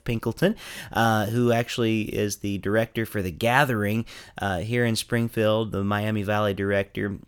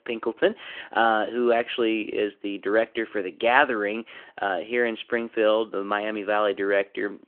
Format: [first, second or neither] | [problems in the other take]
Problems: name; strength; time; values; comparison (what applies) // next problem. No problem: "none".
first | phone-call audio